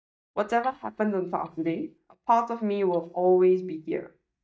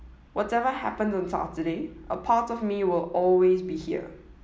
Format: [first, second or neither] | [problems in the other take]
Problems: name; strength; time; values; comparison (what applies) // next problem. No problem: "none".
second | noise reduction (neural mask model DeepFilterNet 3)